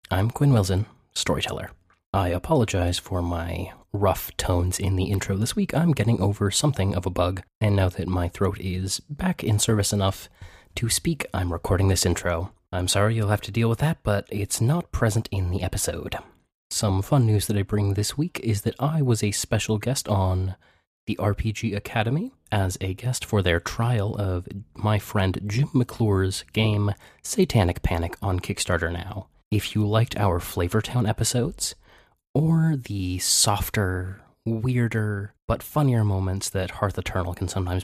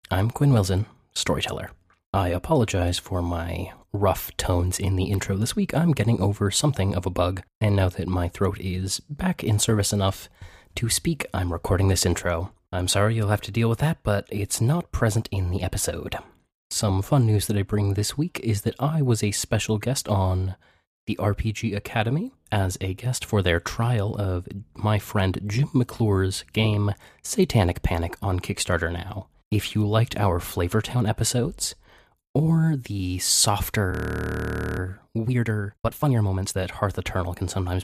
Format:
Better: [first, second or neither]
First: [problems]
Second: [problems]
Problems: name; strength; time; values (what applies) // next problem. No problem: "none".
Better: first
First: none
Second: audio freezing; at 34 s for 1 s